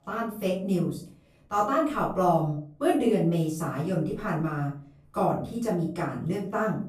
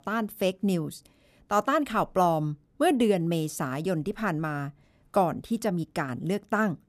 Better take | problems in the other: second | off-mic speech; far // room echo; noticeable; dies away in 0.4 s

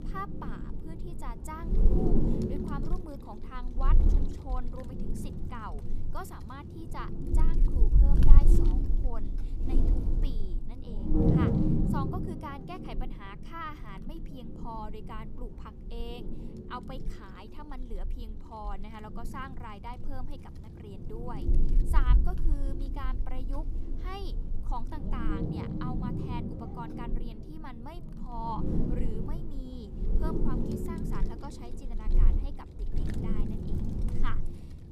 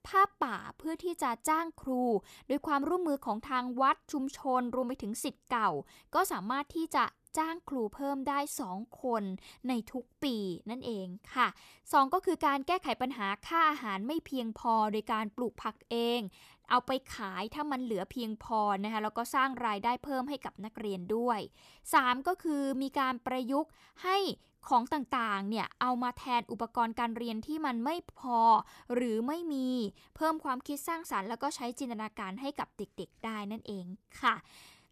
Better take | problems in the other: second | wind noise on the microphone; heavy; 1 dB above the speech

